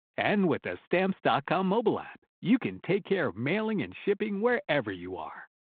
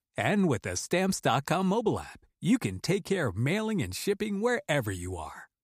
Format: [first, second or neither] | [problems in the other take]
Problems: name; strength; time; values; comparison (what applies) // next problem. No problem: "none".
second | phone-call audio; nothing above 3.5 kHz